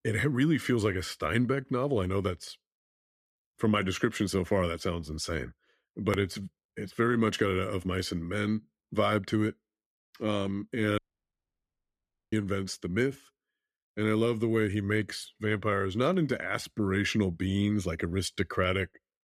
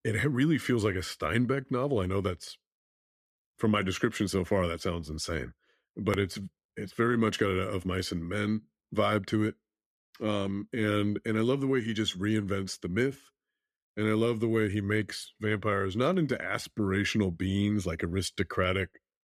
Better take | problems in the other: second | audio cutting out; at 11 s for 1.5 s

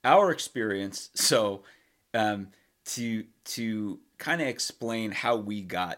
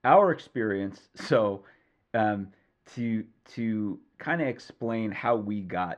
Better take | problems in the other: first | muffled; very; fading above 1.5 kHz

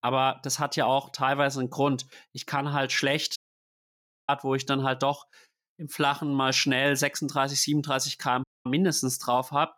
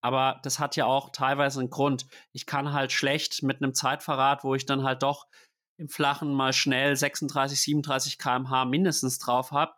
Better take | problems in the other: second | audio cutting out; at 3.5 s for 1 s and at 8.5 s

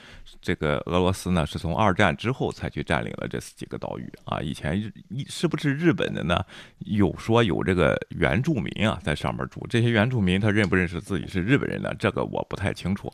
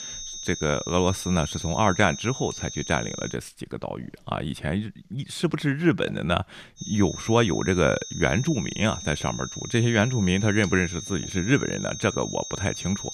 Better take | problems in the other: first | high-pitched whine; loud; until 3.5 s and from 7 s on; 6.5 kHz, 9 dB below the speech

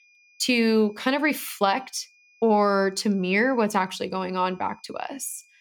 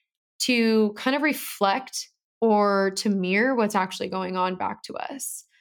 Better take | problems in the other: second | high-pitched whine; faint; throughout; 2.5 kHz, 30 dB below the speech

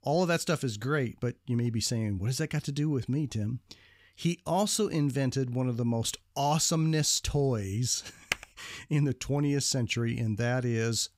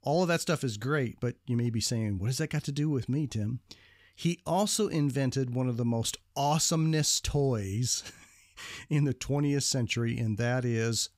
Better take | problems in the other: second | keyboard typing; very faint; at 8.5 s; peak 5 dB below the speech

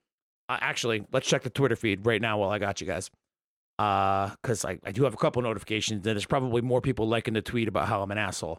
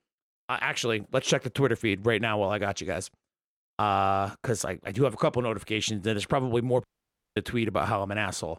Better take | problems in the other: first | audio cutting out; at 7 s for 0.5 s

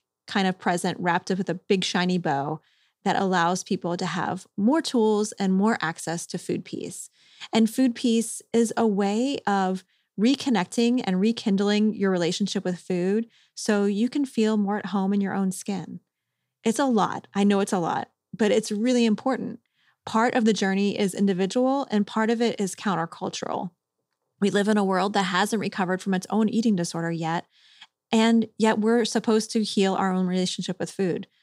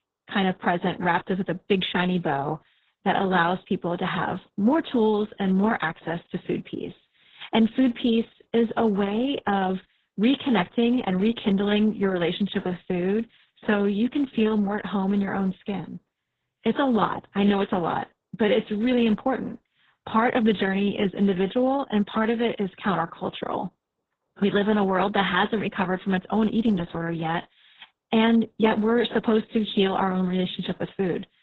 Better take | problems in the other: first | garbled, watery; badly; nothing above 4 kHz

